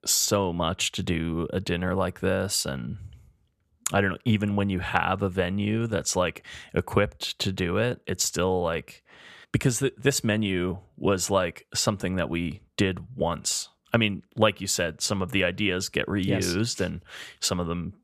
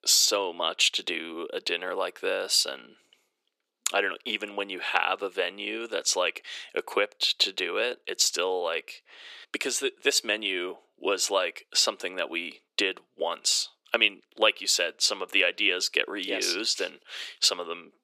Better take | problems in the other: first | thin; very; fading below 350 Hz

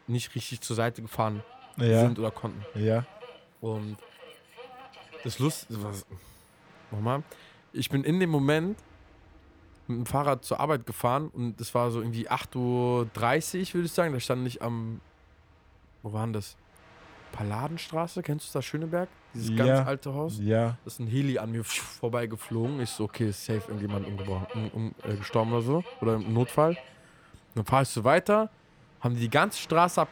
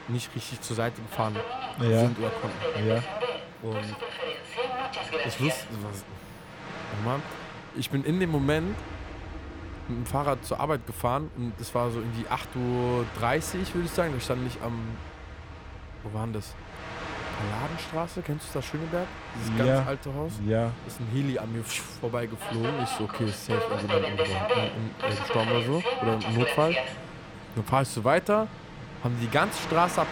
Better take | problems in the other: first | train or aircraft noise; loud; throughout; 5 dB below the speech; faint in the first

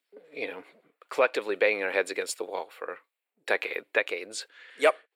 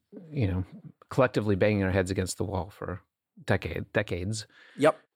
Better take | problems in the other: second | thin; very; fading below 400 Hz

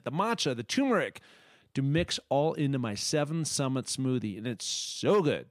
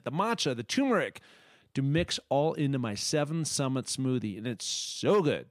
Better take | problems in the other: neither | none

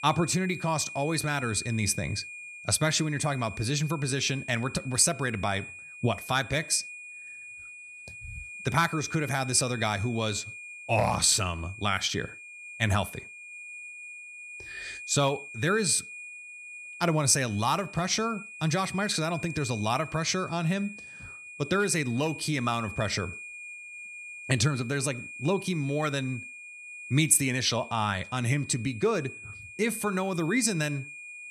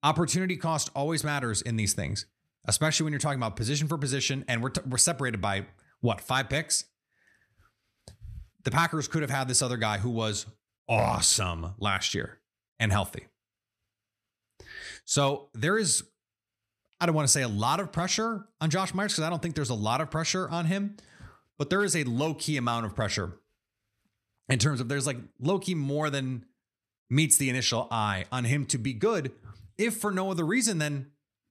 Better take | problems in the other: second | high-pitched whine; noticeable; throughout; 2.5 kHz, 15 dB below the speech

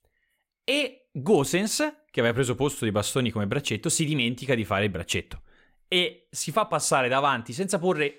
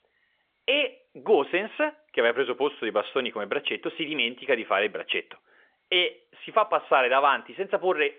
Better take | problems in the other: first | phone-call audio; nothing above 3.5 kHz

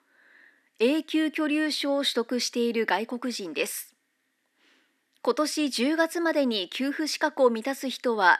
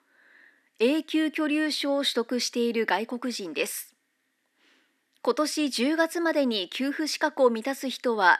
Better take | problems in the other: neither | thin; very slightly; fading below 250 Hz; the same in both

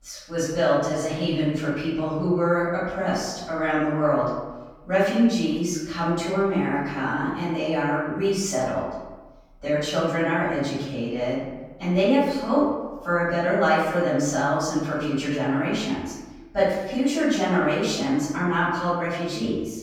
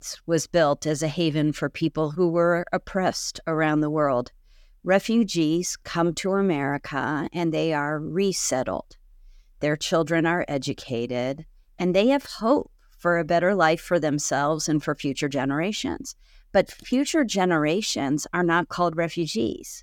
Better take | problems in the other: second | room echo; strong; dies away in 1.1 s // off-mic speech; far

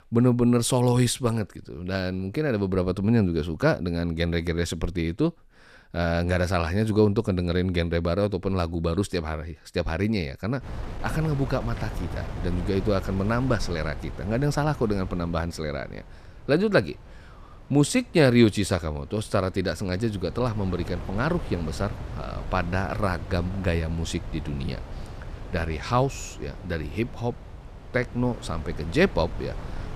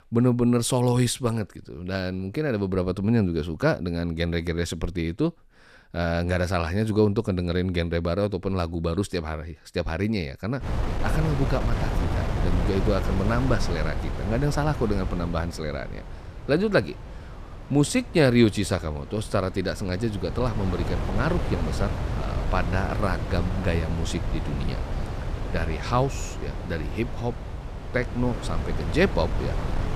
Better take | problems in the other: first | wind noise on the microphone; heavy; from 11 s on; 8 dB below the speech; occasional gusts in the first

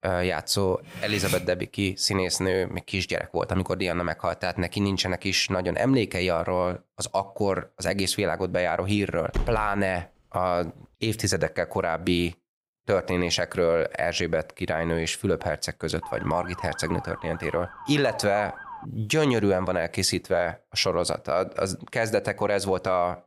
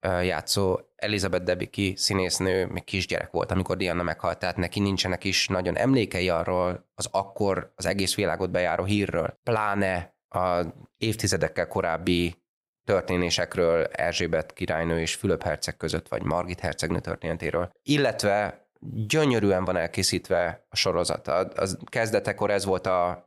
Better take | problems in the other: second | clattering dishes; noticeable; at 1 s; peak 4 dB below the speech // door banging; noticeable; at 9.5 s; peak 7 dB below the speech // siren; noticeable; from 16 to 19 s; peak 9 dB below the speech

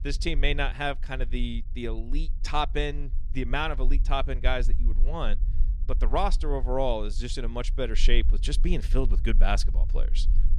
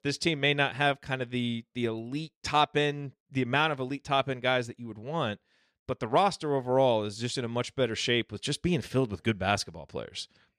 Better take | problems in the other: second | low rumble; faint; throughout; 25 dB below the speech

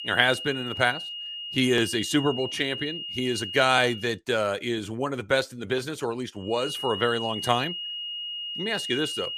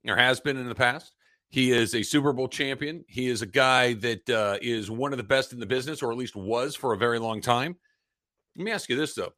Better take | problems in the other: second | high-pitched whine; loud; until 4 s and from 6.5 s on; 3 kHz, 6 dB below the speech

